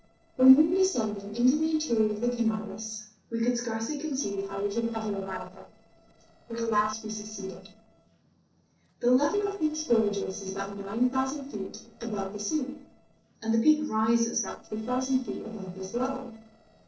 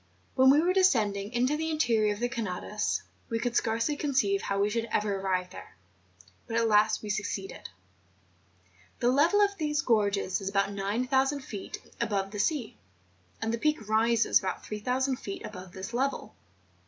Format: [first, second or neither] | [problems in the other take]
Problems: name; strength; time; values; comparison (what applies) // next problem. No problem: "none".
second | noise reduction (neural separator model SepFormer DNS4)